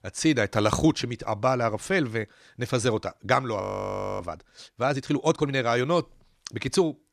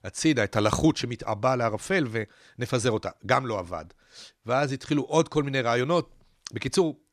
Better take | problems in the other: second | audio freezing; at 3.5 s for 0.5 s

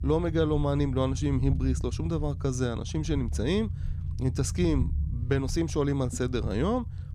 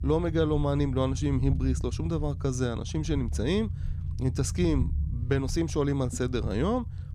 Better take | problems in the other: neither | low rumble; noticeable; throughout; 15 dB below the speech; the same in both

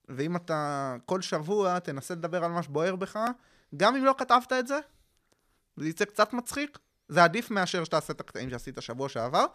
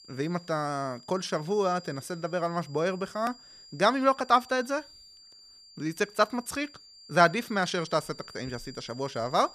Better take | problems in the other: first | high-pitched whine; noticeable; throughout; 4.5 kHz, 20 dB below the speech

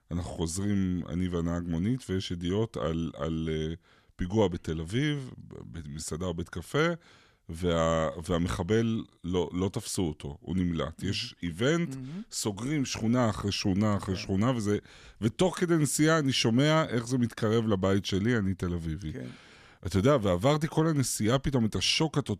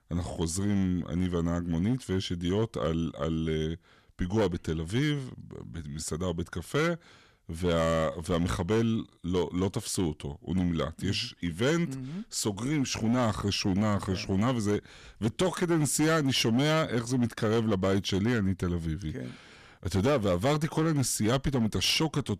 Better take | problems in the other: first | distortion; slight; 7% of the sound clipped

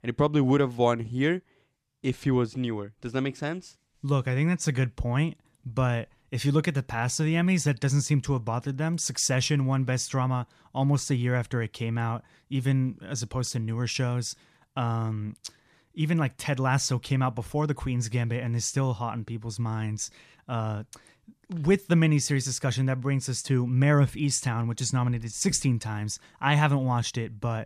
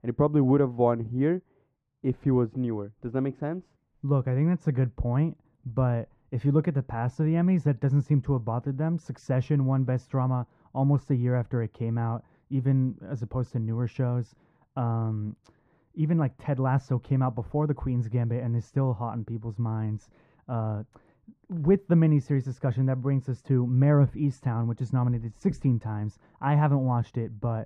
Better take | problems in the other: first | muffled; very; fading above 2.5 kHz

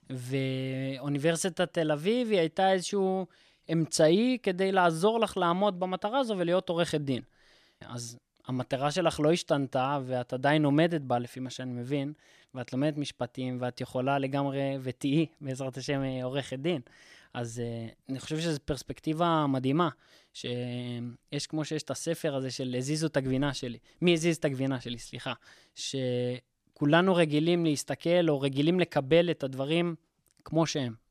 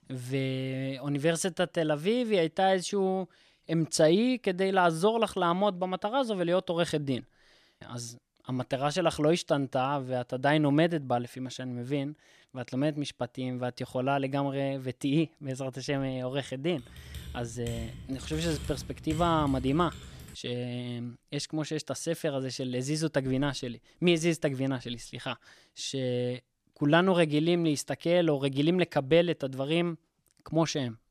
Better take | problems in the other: first | keyboard typing; noticeable; from 17 to 20 s; peak 9 dB below the speech

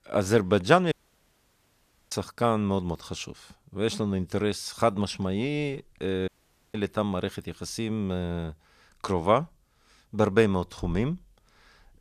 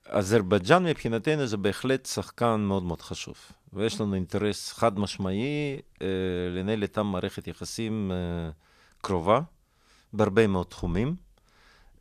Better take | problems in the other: second | audio cutting out; at 1 s for 1 s and at 6.5 s

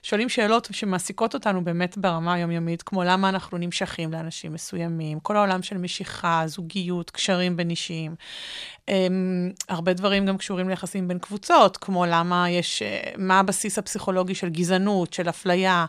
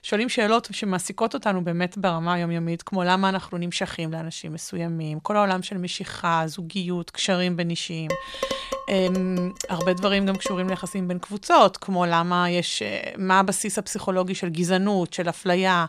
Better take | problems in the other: first | clattering dishes; noticeable; from 8 to 11 s; peak 5 dB below the speech

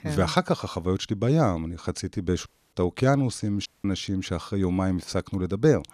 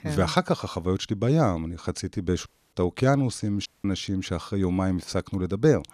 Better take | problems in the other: neither | audio cutting out; at 2.5 s and at 3.5 s; the same in both

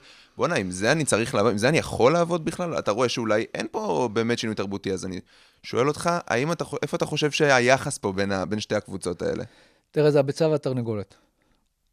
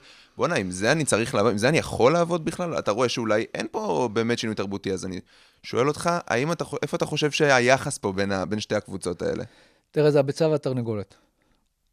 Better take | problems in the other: neither | none

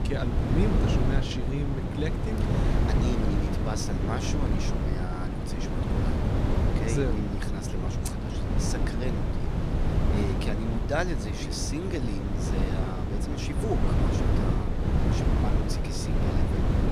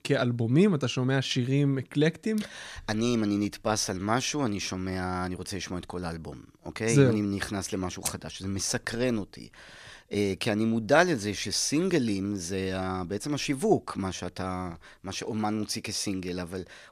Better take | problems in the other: second | wind noise on the microphone; heavy; 2 dB above the speech

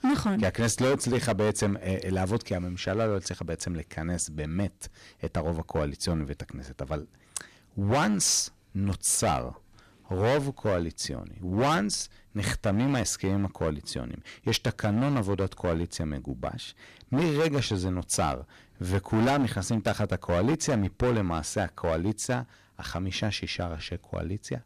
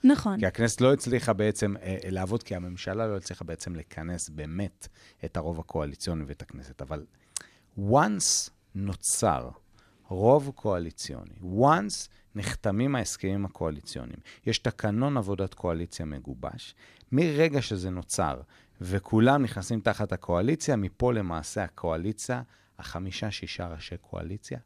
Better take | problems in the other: second | distortion; heavy; 9% of the sound clipped

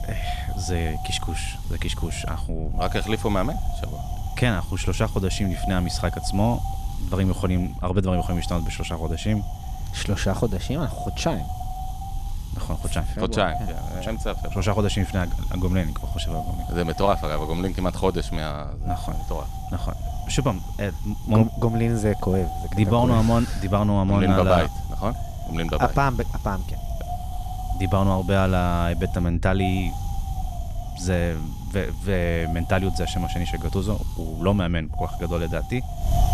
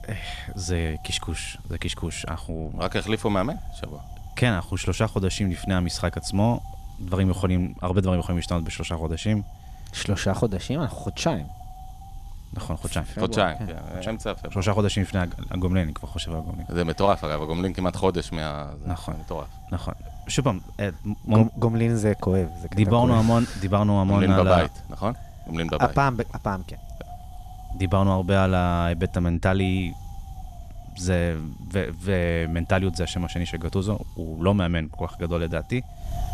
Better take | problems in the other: second | wind noise on the microphone; heavy; 10 dB below the speech; occasional gusts in the second

